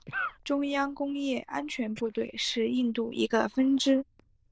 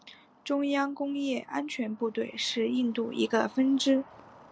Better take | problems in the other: second | noise reduction (neural diffusion model UNIVERSE++)

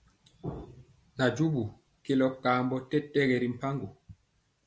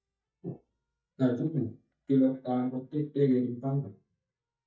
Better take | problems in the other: first | noise reduction (neural mask model DeepFilterNet 3)

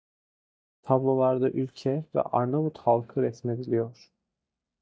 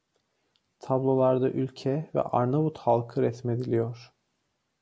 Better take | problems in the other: second | noise reduction (neural mask model DeepFilterNet 3)

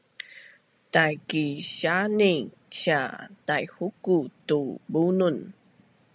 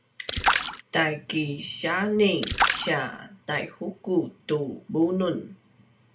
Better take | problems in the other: first | background sound (Splash, splatter); 3 dB below the speech // room echo; dies away in 0.2 s

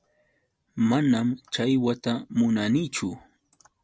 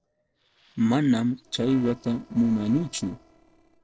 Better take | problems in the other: first | noise reduction (neural separator model SepFormer DNS4)

